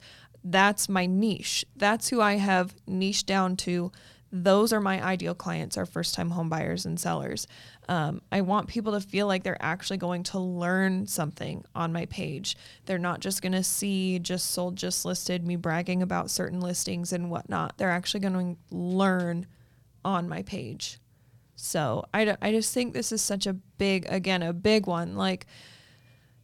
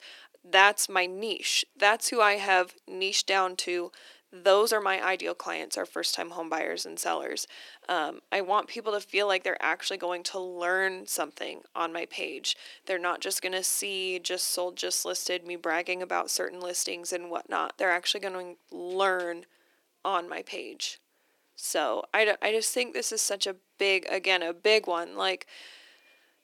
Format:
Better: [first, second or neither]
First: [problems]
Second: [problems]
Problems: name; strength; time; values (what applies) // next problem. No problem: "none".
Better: first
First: none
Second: thin; very; fading below 300 Hz